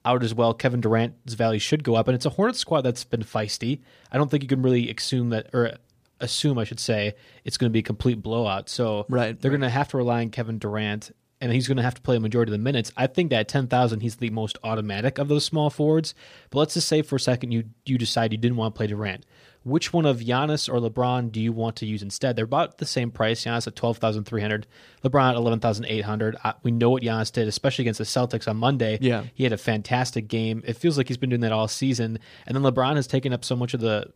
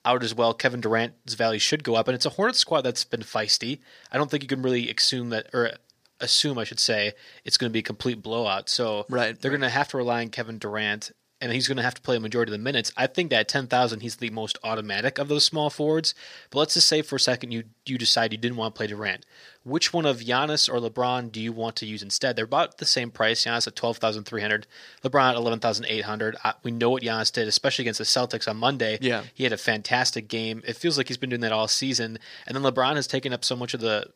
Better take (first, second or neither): first